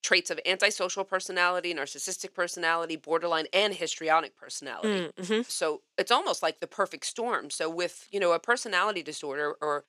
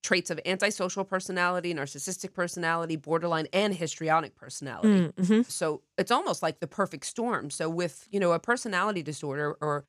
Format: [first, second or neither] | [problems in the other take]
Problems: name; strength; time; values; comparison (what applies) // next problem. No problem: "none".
second | thin; somewhat; fading below 400 Hz